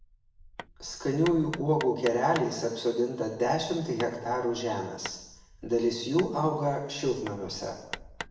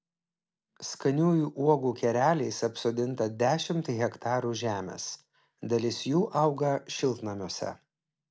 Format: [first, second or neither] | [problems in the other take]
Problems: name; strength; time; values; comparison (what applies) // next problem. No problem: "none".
second | background sound (Hammer); 16 dB below the speech // room echo; dies away in 0.9 s